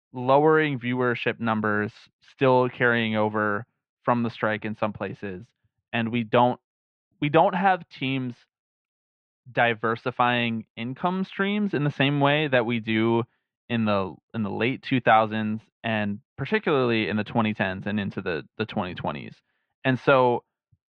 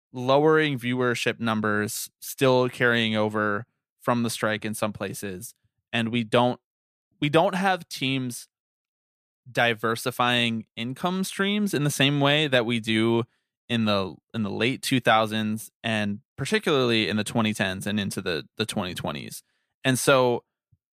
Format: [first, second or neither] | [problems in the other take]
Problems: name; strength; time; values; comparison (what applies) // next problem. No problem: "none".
second | muffled; very; fading above 3 kHz